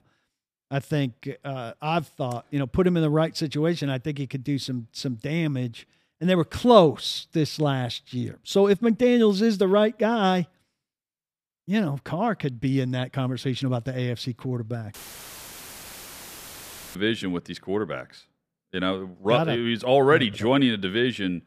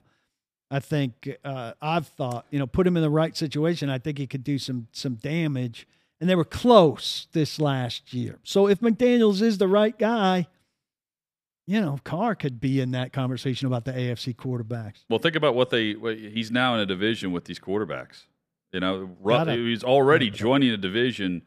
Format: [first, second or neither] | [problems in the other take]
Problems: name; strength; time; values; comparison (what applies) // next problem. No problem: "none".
second | audio cutting out; filled with static; at 15 s for 2 s